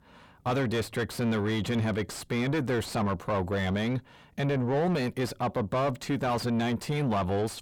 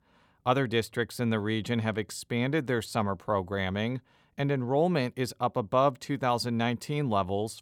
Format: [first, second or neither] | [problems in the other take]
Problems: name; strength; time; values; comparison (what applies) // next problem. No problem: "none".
second | distortion; heavy; 5 dB below the speech